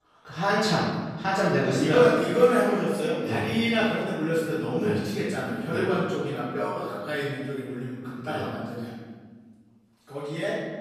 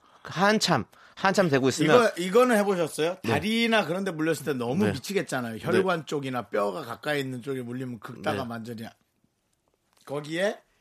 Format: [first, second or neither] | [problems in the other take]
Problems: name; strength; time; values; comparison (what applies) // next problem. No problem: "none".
second | off-mic speech; far // room echo; strong; dies away in 1.4 s